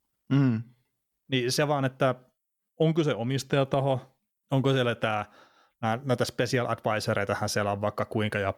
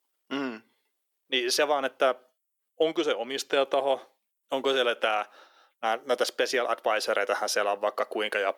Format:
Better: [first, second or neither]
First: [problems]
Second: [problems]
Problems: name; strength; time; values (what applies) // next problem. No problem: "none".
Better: first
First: none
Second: thin; very; fading below 350 Hz